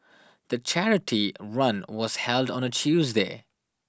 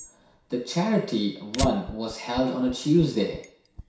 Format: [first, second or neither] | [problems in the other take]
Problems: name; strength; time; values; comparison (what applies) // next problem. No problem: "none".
first | background sound (Fire); 12 dB below the speech // room echo; dies away in 0.6 s